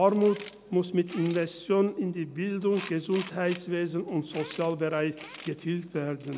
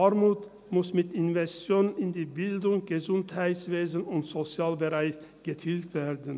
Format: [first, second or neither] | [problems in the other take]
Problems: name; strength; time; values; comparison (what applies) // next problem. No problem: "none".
second | background sound (Tools); 20 dB below the speech